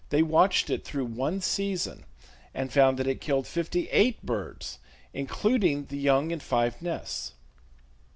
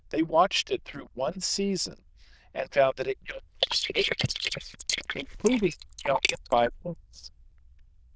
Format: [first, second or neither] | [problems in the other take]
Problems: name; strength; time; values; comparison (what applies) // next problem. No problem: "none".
first | noise reduction (neural diffusion model UNIVERSE++)